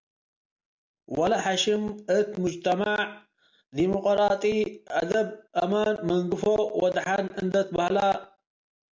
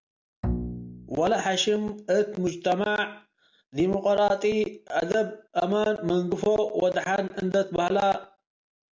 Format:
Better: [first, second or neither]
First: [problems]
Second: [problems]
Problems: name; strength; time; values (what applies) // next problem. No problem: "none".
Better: first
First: none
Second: background sound (Bowed string instrument); 8 dB below the speech